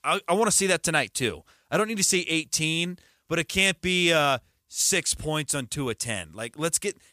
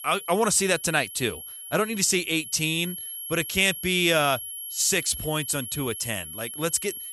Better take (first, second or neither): first